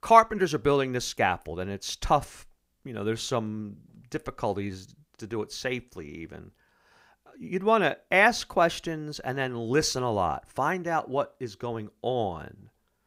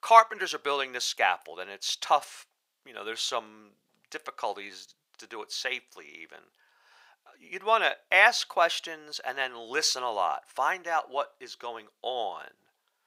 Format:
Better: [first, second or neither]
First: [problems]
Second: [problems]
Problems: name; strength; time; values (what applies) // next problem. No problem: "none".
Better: first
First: none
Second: thin; very; fading below 800 Hz